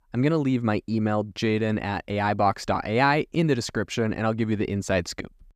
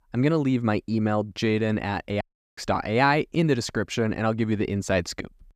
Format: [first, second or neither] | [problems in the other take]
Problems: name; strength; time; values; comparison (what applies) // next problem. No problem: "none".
first | audio cutting out; at 2 s